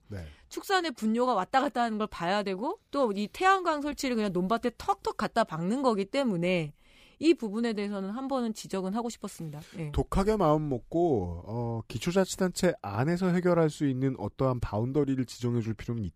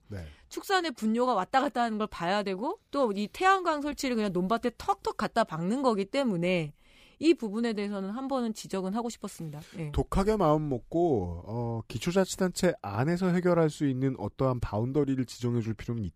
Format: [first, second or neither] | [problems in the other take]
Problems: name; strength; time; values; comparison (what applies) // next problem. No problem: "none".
neither | none